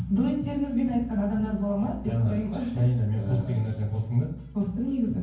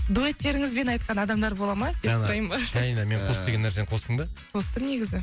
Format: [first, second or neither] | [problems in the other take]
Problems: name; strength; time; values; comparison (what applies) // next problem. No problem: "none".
second | room echo; dies away in 0.9 s